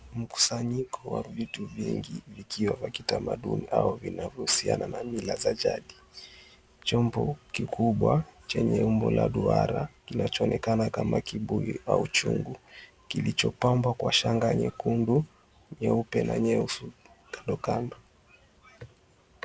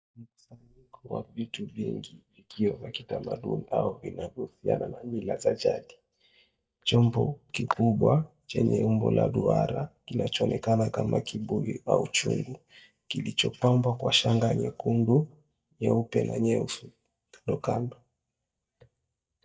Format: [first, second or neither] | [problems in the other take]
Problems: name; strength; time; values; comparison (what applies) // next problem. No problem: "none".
first | noise reduction (neural mask model DeepFilterNet 3)